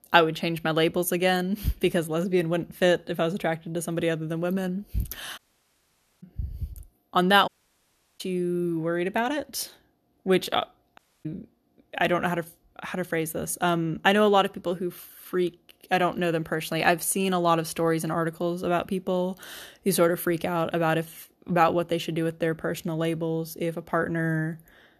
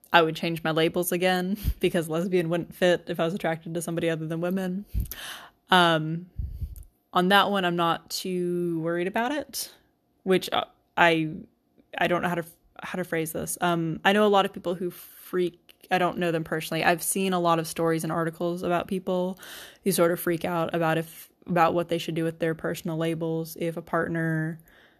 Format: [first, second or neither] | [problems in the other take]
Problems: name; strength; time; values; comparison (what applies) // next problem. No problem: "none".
second | audio cutting out; at 5.5 s for 1 s, at 7.5 s for 0.5 s and at 11 s